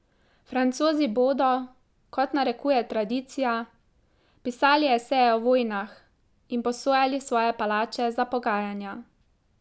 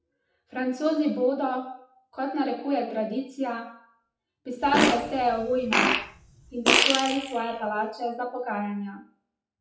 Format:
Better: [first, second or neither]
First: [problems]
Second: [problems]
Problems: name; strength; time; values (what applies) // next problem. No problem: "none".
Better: first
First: none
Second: noise reduction (classical method WPE with log-MMSE)